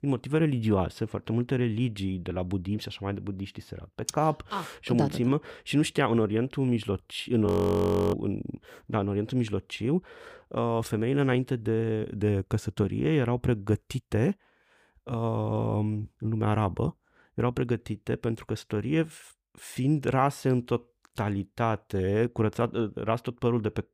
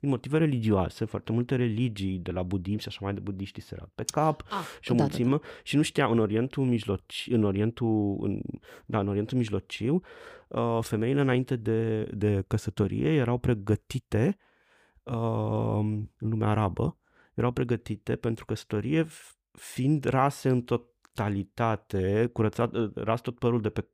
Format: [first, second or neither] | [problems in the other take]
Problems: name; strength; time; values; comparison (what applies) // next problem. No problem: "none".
second | audio freezing; at 7.5 s for 0.5 s